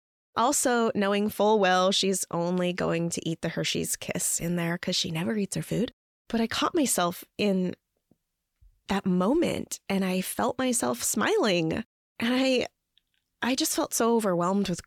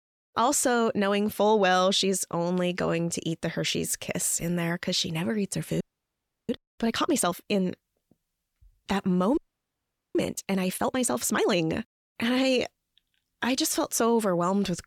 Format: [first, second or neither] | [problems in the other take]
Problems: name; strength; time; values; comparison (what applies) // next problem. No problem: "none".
first | audio freezing; at 6 s for 0.5 s and at 9.5 s for 1 s